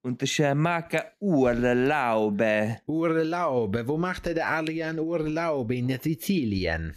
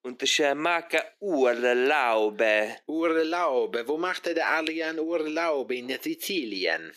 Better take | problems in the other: first | thin; somewhat; fading below 350 Hz

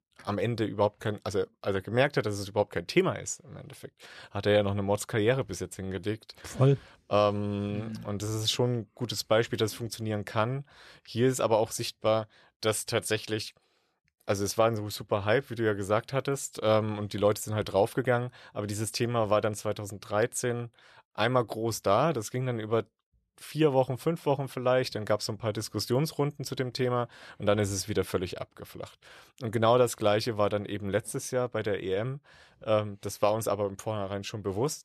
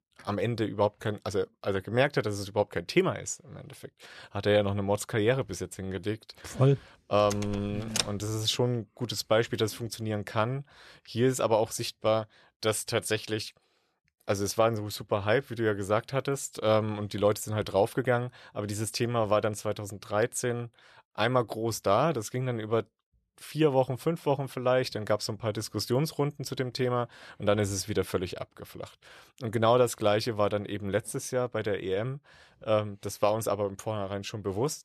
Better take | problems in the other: first | door banging; noticeable; at 7.5 s; peak 2 dB below the speech

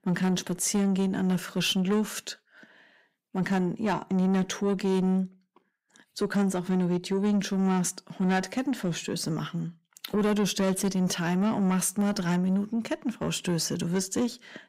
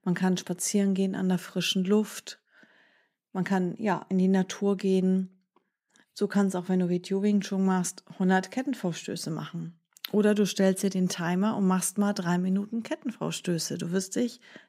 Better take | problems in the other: second | distortion; slight; 10 dB below the speech

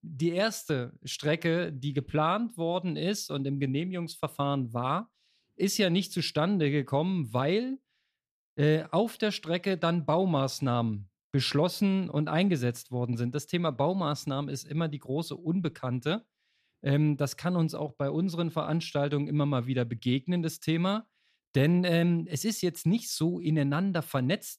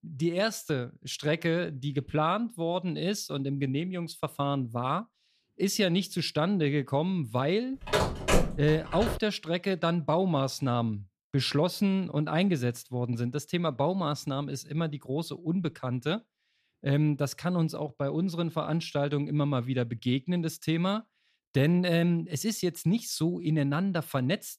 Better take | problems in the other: first | phone ringing; loud; from 8 to 9 s; peak 3 dB above the speech

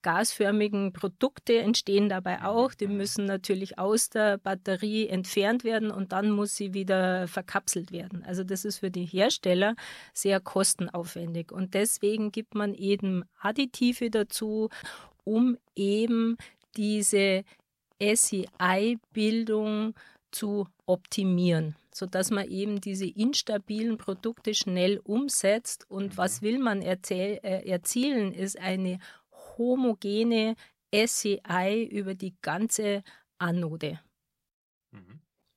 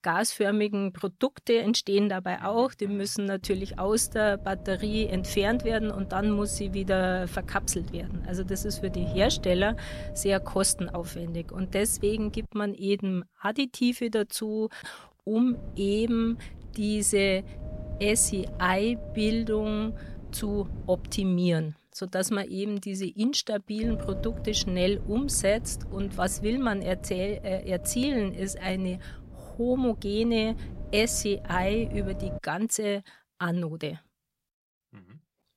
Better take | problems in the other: first | wind noise on the microphone; occasional gusts; from 3.5 to 12 s, from 16 to 21 s and from 24 to 32 s; 15 dB below the speech

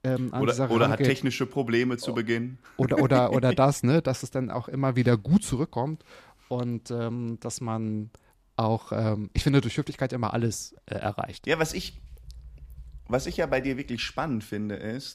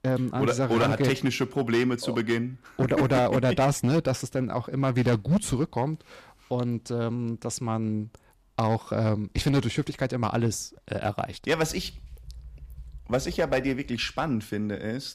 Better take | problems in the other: first | distortion; slight; 5% of the sound clipped

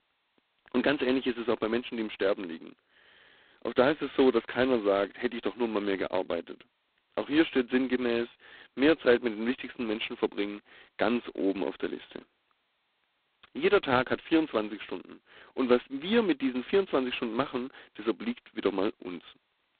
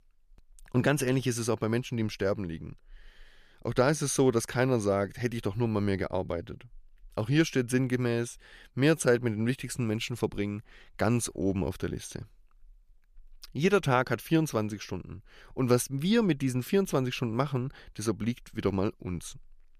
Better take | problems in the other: second | phone-call audio; poor line; nothing above 4 kHz

